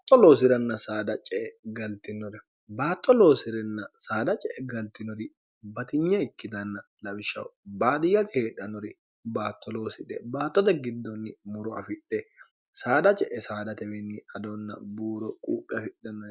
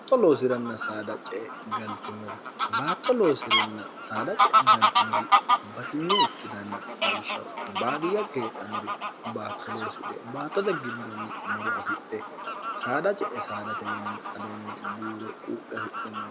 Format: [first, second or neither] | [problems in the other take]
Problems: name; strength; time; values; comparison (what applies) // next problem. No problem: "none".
first | background sound (Fowl); 2 dB above the speech